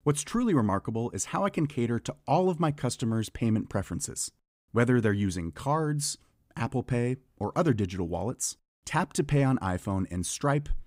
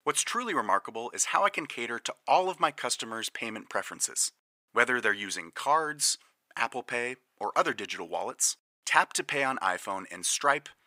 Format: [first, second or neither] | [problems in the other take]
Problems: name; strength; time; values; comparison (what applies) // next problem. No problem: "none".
first | thin; very; fading below 700 Hz